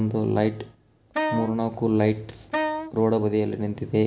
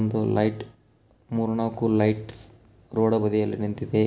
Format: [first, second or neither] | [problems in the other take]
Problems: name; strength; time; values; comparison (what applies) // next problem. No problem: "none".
second | background sound (Wind instrument, woodwind instrument); 6 dB below the speech